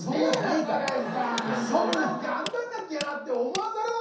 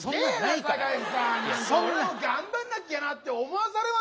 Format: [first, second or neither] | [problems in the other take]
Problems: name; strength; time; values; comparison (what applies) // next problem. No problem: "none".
second | background sound (Tools); 14 dB below the speech // room echo; dies away in 0.6 s